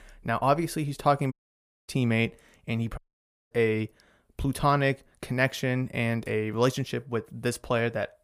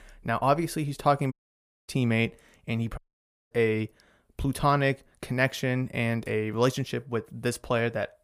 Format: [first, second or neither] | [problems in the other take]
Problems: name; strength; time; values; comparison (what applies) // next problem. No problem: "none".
neither | audio cutting out; at 1.5 s for 0.5 s and at 3 s for 0.5 s; the same in both